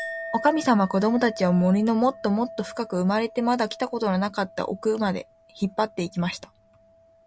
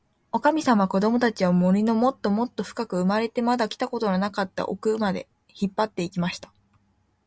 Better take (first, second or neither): second